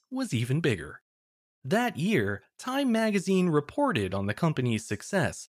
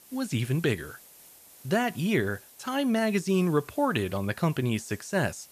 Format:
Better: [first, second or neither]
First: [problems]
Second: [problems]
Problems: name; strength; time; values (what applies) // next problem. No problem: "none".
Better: first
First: none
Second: hiss; faint; throughout; 20 dB below the speech